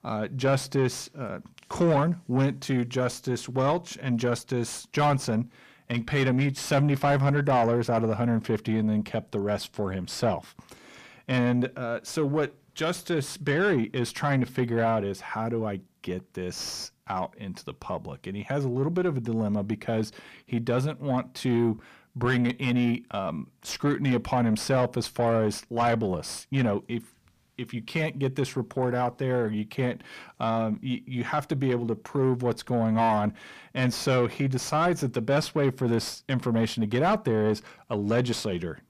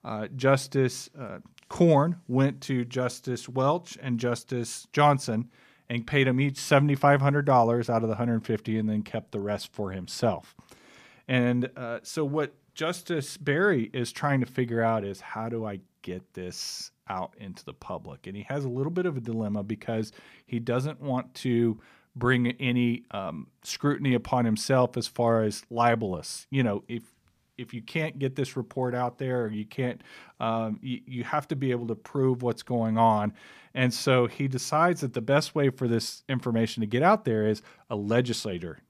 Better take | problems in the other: second | distortion; slight; 10 dB below the speech

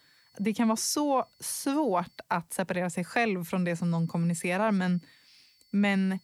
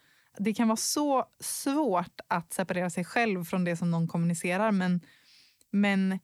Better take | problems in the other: second | high-pitched whine; faint; until 2 s and from 3.5 s on; 4.5 kHz, 35 dB below the speech

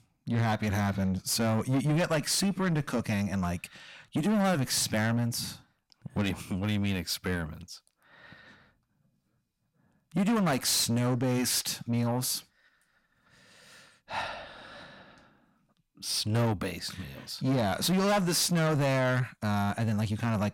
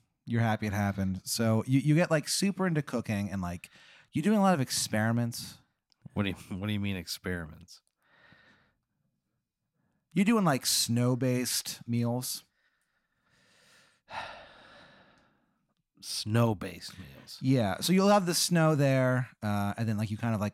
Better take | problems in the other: second | distortion; heavy; 8 dB below the speech

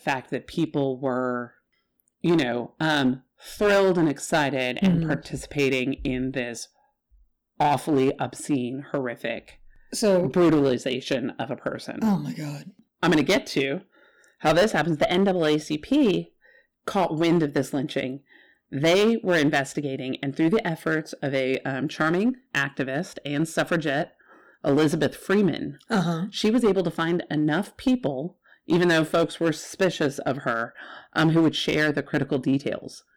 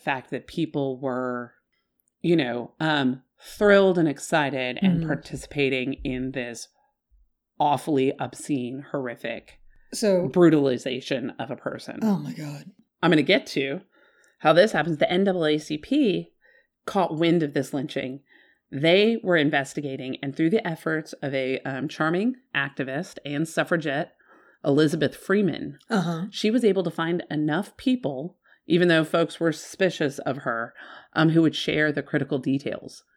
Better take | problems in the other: second | distortion; slight; 6% of the sound clipped

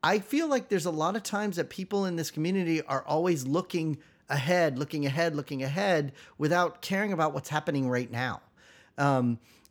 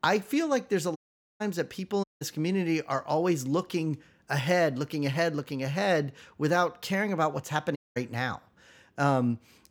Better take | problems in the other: first | audio cutting out; at 1 s, at 2 s and at 8 s

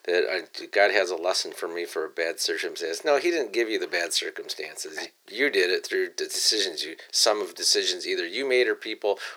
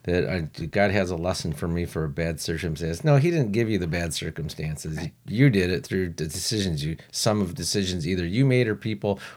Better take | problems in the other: second | thin; very; fading below 350 Hz

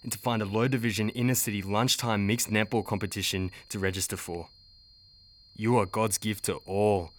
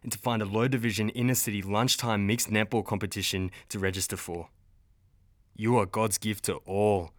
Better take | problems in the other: second | high-pitched whine; faint; throughout; 4 kHz, 25 dB below the speech

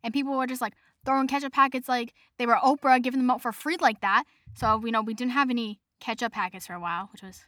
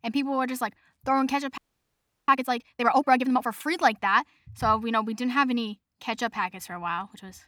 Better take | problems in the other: first | audio freezing; at 1.5 s for 0.5 s

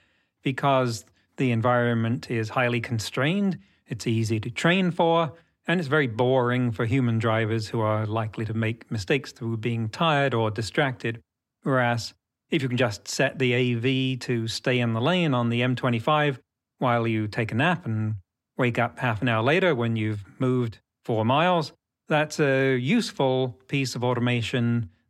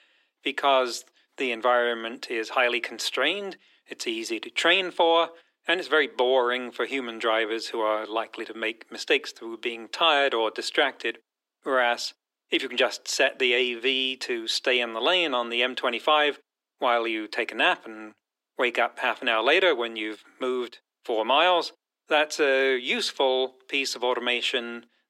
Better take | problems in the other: first | thin; very; fading below 350 Hz

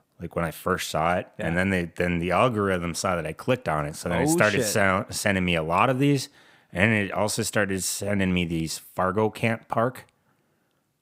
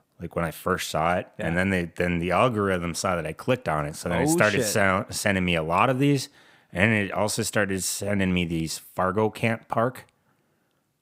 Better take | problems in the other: neither | none

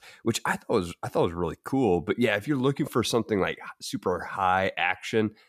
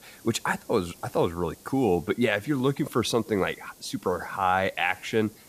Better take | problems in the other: first | hiss; faint; throughout; 25 dB below the speech

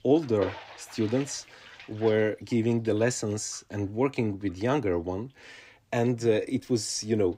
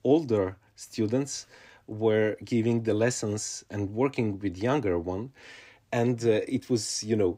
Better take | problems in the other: second | household noises; noticeable; throughout; 15 dB below the speech

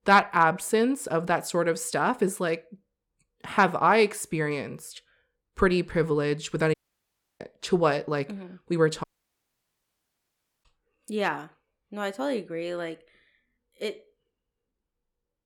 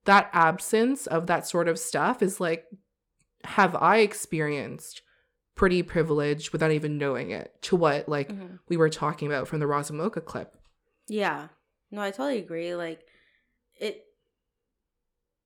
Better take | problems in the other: second | audio cutting out; at 6.5 s for 0.5 s and at 9 s for 1.5 s

